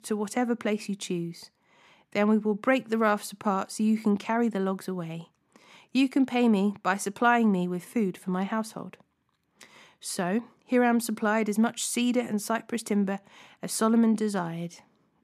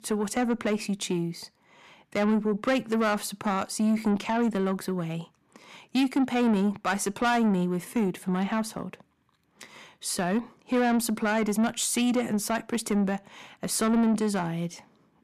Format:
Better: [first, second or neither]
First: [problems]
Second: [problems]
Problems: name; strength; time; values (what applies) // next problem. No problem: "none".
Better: first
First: none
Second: distortion; slight; 10 dB below the speech